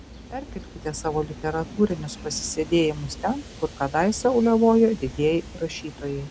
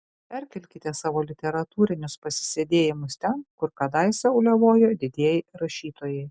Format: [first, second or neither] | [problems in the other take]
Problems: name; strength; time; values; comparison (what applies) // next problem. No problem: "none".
second | background sound (Train); 15 dB below the speech